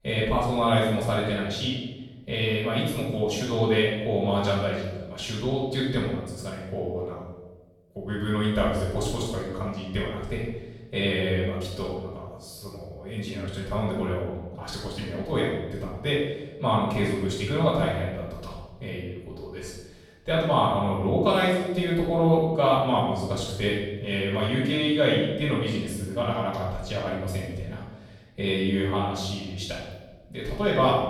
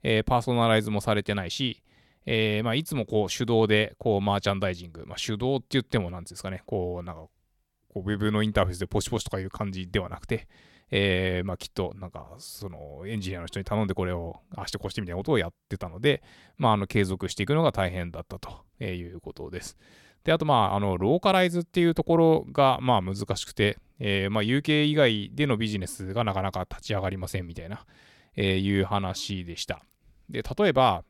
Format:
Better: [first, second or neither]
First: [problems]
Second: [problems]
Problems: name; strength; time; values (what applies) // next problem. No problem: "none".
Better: second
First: off-mic speech; far // room echo; noticeable; dies away in 0.9 s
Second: none